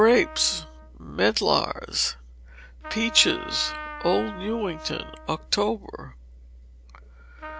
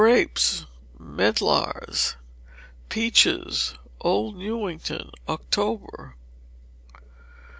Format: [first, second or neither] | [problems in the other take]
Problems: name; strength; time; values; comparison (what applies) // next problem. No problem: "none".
second | background sound (Trumpet); 15 dB below the speech